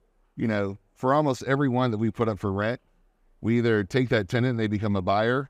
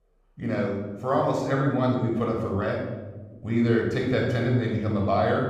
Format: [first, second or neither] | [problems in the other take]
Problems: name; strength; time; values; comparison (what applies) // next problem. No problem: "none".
first | off-mic speech; somewhat distant // room echo; noticeable; dies away in 1.1 s